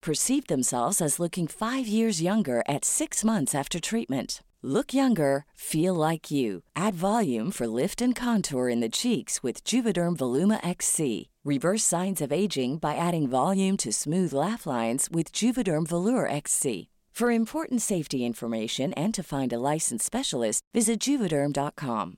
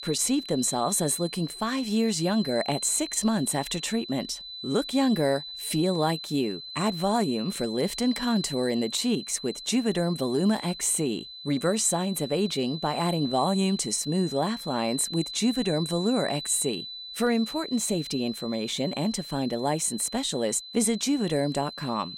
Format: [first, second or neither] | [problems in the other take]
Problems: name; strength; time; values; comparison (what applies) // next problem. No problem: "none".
first | high-pitched whine; loud; throughout; 4 kHz, 10 dB below the speech